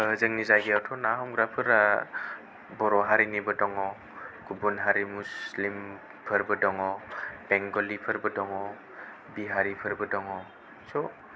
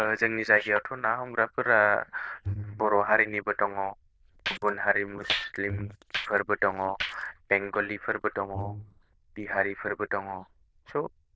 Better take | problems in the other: first | noise reduction (neural diffusion model UNIVERSE++)

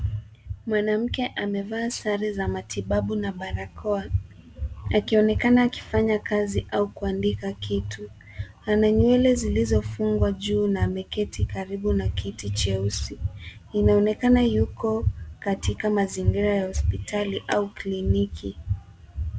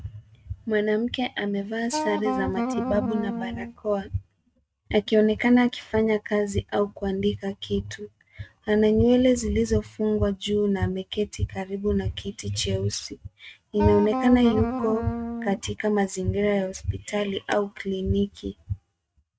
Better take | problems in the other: first | noise reduction (neural mask model RNNoise)

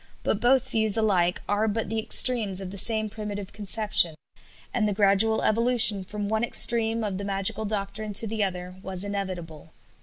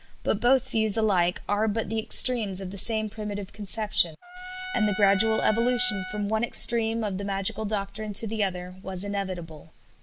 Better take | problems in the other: first | background sound (Trumpet); 11 dB below the speech

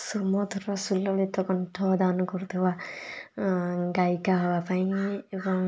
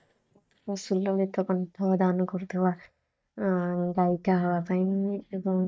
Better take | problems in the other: first | noise reduction (neural mask model DeepFilterNet 3)

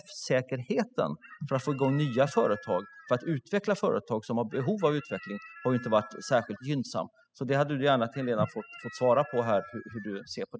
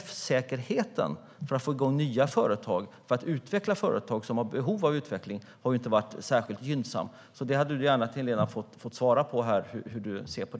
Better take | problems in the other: second | noise reduction (classical method spectral subtraction)

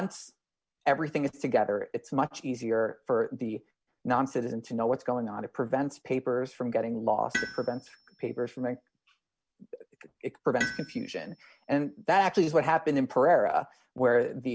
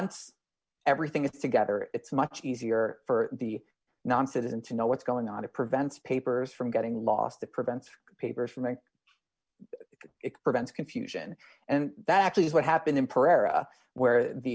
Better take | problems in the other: second | background sound (Tools); 13 dB below the speech

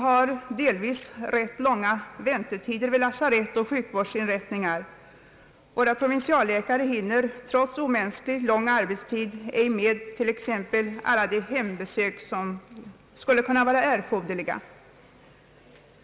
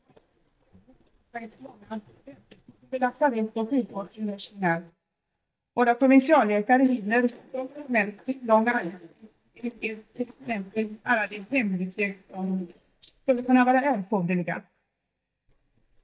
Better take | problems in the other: first | noise reduction (neural mask model DeepFilterNet 3)

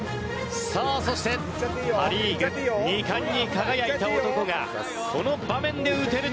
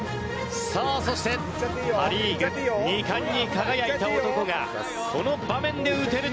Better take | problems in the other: first | background sound (Wind instrument, woodwind instrument); 16 dB below the speech

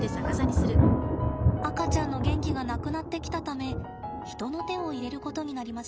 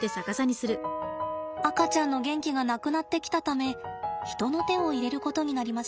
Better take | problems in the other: second | background sound (Thunder); 5 dB above the speech

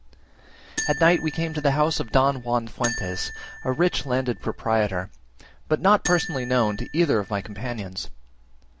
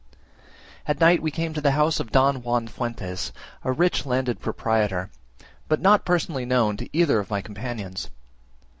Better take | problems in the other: second | background sound (Marimba, xylophone); 11 dB below the speech

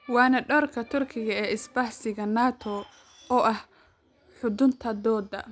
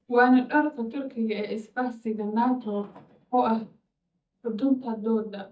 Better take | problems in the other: first | noise reduction (neural mask model DeepFilterNet 3)

